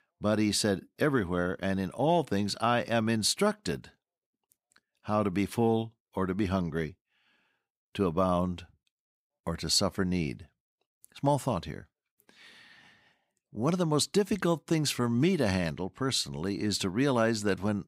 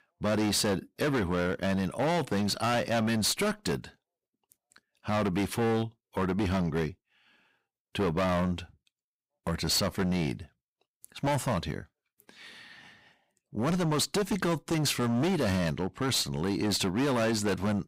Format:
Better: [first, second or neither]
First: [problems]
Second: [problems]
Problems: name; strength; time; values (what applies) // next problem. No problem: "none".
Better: first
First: none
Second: distortion; heavy; 18% of the sound clipped